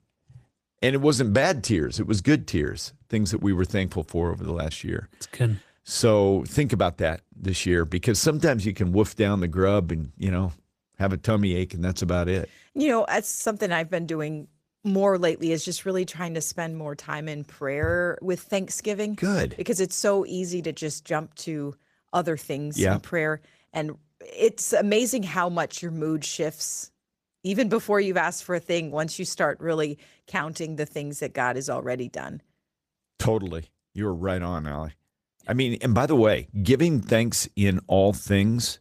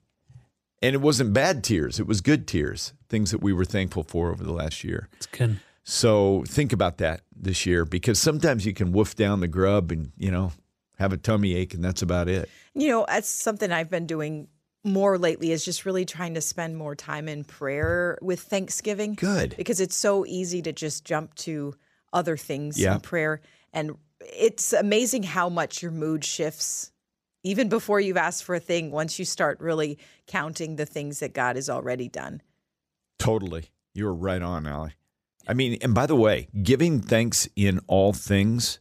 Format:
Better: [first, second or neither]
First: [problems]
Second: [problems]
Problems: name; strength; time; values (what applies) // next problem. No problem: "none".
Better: second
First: garbled, watery; slightly; nothing above 14.5 kHz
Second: none